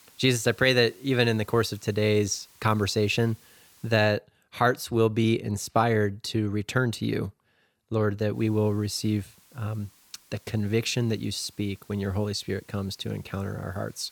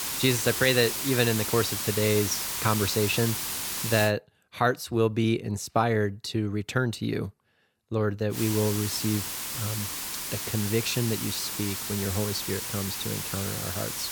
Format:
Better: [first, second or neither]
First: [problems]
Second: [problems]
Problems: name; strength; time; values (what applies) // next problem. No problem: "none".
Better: first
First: hiss; faint; until 4 s and from 8.5 s on; 30 dB below the speech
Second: hiss; loud; until 4 s and from 8.5 s on; 2 dB below the speech